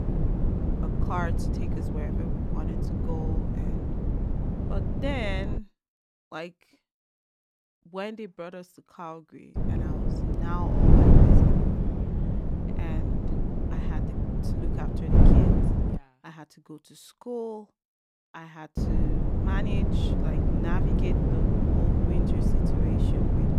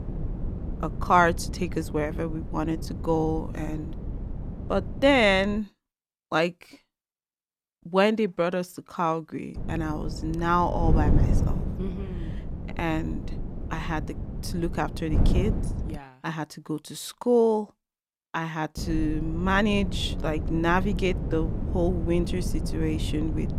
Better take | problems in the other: second | wind noise on the microphone; heavy; until 5.5 s, from 9.5 to 16 s and from 19 s on; 4 dB above the speech; occasional gusts in the second

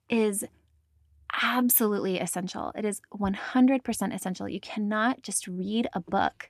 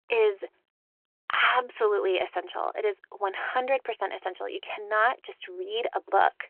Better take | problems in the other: first | phone-call audio

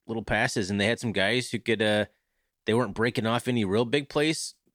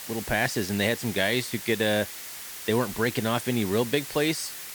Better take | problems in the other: first | hiss; loud; throughout; 9 dB below the speech

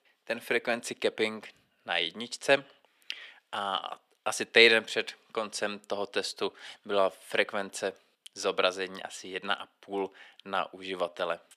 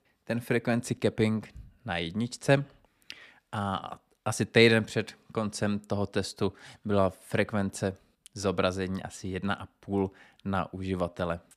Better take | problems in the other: second | thin; somewhat; fading below 450 Hz

